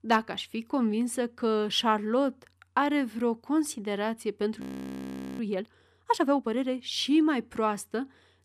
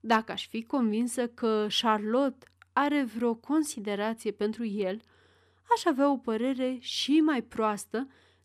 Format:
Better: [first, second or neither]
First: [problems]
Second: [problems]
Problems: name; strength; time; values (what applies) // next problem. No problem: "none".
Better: second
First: audio freezing; at 4.5 s for 1 s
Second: none